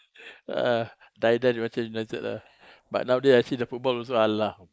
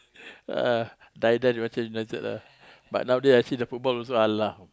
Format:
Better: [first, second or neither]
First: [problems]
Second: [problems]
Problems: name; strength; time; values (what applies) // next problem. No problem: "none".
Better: second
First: noise reduction (neural mask model Resemble Enhance denoiser)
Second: none